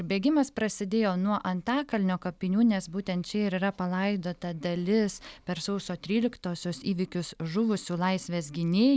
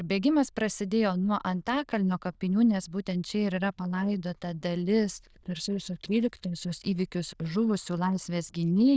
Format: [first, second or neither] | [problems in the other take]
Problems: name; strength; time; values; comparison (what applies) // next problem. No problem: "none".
first | noise reduction (neural diffusion model UNIVERSE++)